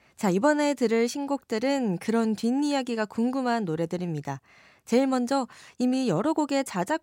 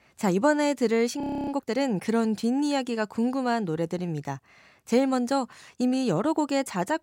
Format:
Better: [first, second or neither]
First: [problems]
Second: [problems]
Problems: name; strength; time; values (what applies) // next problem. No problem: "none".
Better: first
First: none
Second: audio freezing; at 1 s